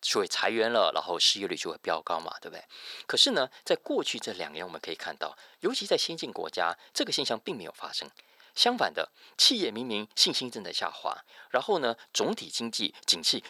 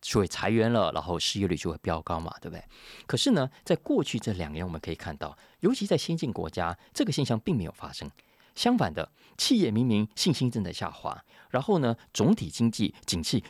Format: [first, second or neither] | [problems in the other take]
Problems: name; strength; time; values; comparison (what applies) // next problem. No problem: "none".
second | thin; somewhat; fading below 500 Hz